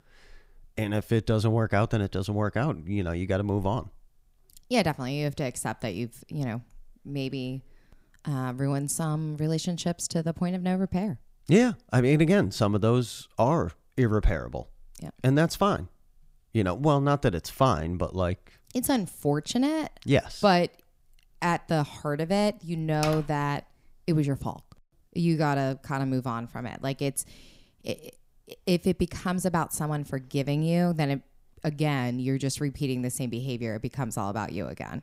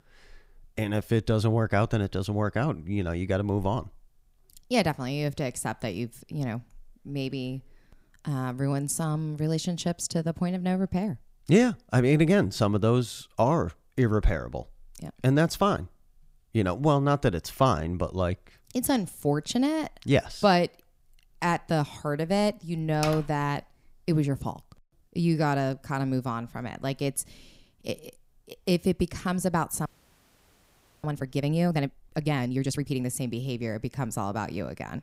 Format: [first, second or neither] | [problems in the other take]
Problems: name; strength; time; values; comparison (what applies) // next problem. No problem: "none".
first | audio freezing; at 30 s for 1 s